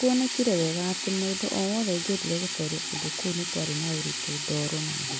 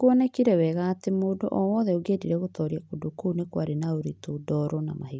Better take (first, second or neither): second